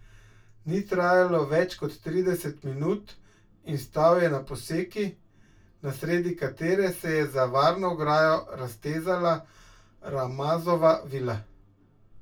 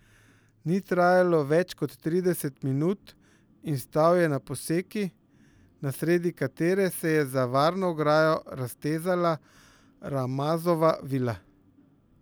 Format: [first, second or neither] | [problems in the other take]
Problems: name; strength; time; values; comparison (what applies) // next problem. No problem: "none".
second | room echo; dies away in 0.2 s